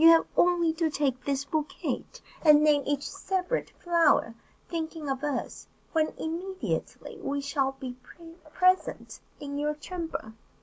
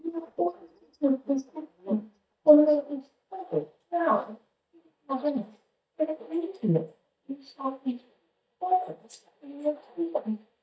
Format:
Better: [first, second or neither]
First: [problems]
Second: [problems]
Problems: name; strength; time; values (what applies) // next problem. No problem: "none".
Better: first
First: none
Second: noise reduction (neural mask model DeepFilterNet 3)